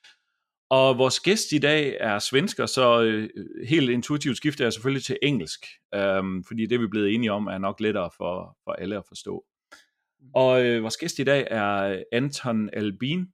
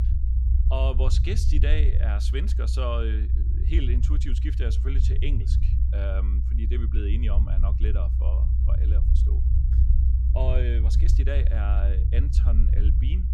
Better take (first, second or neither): first